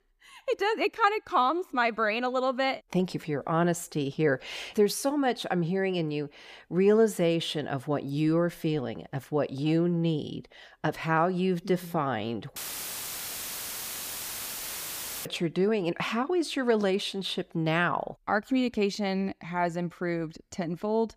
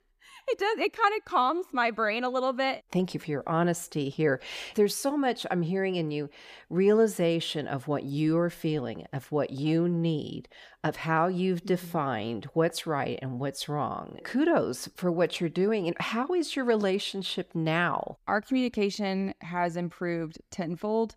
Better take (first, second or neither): second